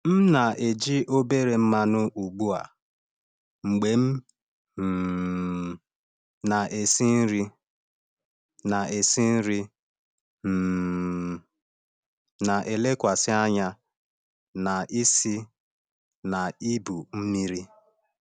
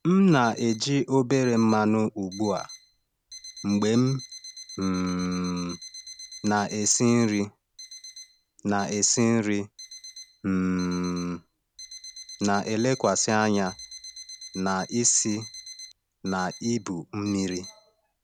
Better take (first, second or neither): first